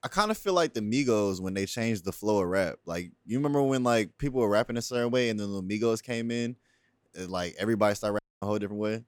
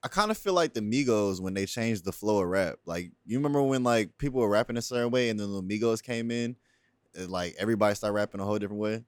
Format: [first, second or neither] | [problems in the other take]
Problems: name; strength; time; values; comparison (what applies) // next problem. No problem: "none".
second | audio cutting out; at 8 s